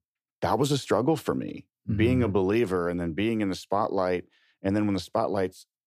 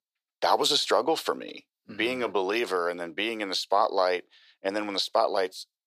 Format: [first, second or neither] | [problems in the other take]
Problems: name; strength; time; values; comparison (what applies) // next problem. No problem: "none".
first | thin; very; fading below 600 Hz